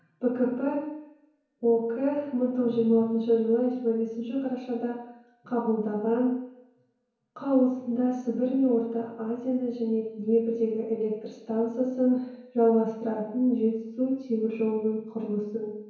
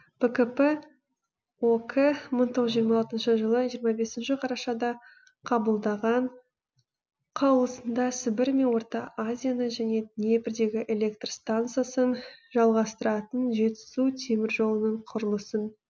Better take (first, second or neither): second